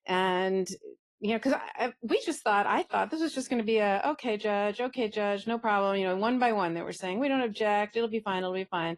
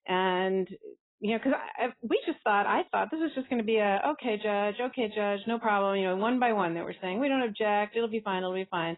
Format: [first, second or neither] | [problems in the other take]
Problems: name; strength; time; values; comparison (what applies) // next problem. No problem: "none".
first | garbled, watery; badly; nothing above 4 kHz; slightly in the first